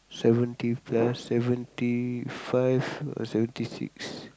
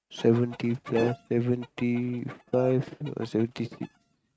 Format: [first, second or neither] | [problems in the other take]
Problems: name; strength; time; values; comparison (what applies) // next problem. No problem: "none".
first | noise reduction (neural mask model RNNoise)